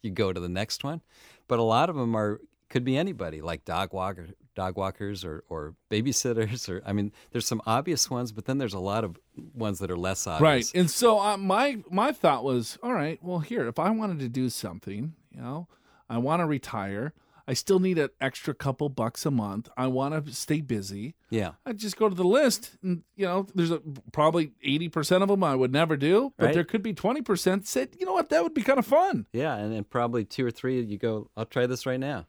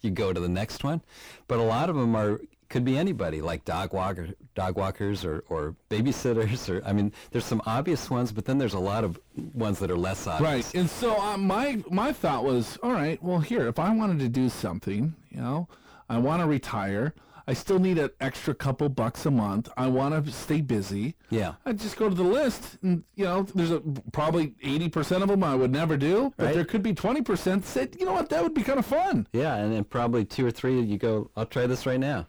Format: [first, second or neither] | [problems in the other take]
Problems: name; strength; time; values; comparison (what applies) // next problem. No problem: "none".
first | distortion; heavy; 5 dB below the speech